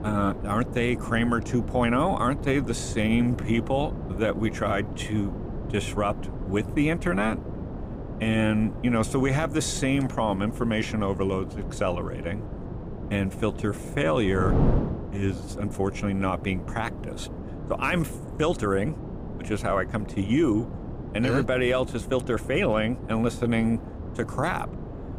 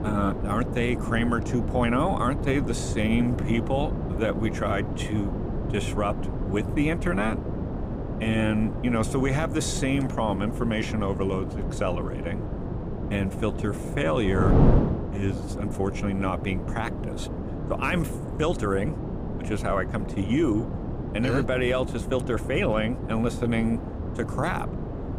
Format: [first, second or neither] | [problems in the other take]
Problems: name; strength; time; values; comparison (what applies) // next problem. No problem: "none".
first | wind noise on the microphone; heavy; 7 dB below the speech; occasional gusts in the first